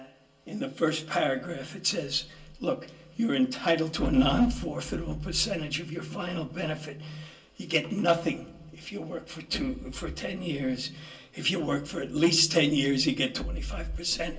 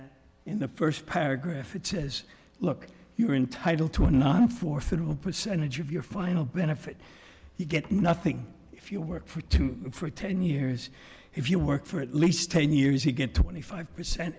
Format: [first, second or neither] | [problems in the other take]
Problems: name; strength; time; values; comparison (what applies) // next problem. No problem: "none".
second | room echo; dies away in 0.2 s